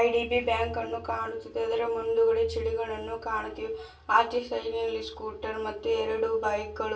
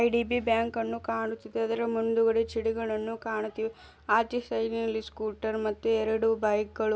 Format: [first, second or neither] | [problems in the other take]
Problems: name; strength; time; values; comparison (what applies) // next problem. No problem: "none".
second | room echo; dies away in 0.3 s